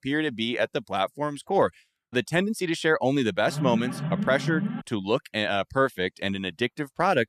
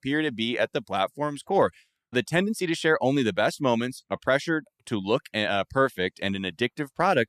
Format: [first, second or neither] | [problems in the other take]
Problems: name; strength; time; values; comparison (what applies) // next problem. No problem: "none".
second | alarm; noticeable; from 3.5 to 5 s; peak 3 dB below the speech